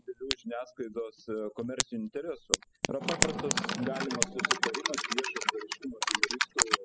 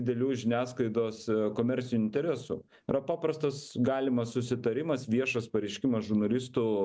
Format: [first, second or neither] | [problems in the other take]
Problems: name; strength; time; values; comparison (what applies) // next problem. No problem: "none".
second | noise reduction (classical method spectral subtraction)